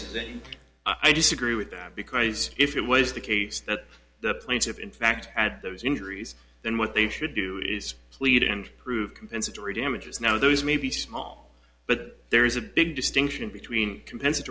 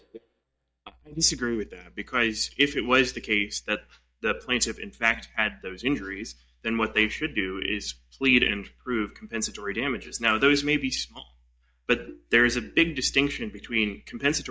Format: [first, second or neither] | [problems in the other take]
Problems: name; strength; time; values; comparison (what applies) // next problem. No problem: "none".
first | noise reduction (neural mask model DeepFilterNet 3)